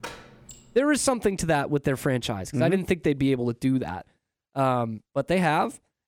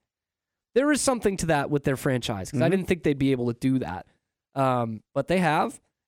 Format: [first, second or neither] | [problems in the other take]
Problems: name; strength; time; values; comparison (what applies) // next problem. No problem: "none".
second | door banging; faint; at the start; peak 15 dB below the speech